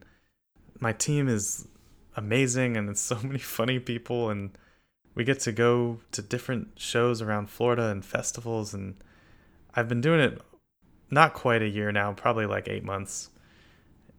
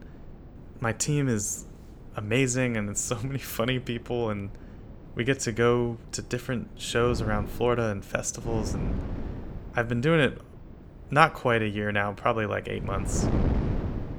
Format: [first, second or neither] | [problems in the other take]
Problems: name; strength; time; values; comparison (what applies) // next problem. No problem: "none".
first | wind noise on the microphone; occasional gusts; 15 dB below the speech